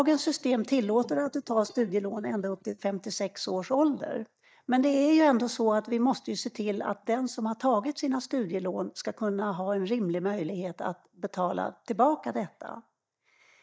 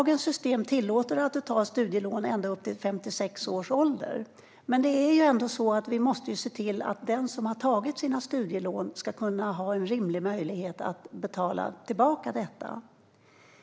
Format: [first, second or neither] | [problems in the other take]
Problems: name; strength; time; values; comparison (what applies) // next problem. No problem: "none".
second | noise reduction (neural mask model DeepFilterNet 3)